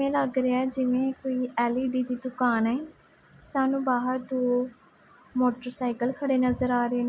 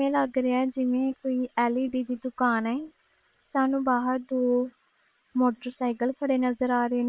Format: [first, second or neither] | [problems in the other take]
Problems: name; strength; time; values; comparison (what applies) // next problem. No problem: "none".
first | noise reduction (neural separator model SepFormer WHAM!)